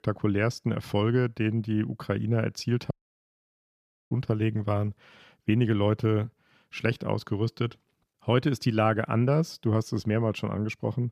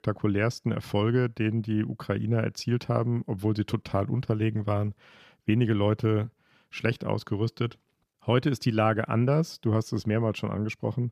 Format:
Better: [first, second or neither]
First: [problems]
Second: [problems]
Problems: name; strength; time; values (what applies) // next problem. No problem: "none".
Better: second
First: audio cutting out; at 3 s for 1 s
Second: none